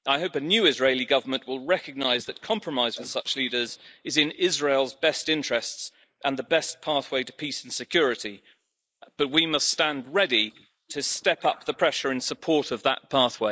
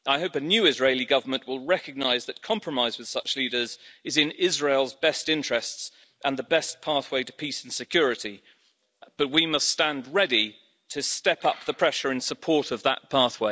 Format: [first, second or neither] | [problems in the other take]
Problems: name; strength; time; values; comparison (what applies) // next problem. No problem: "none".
second | noise reduction (neural mask model Resemble Enhance denoiser)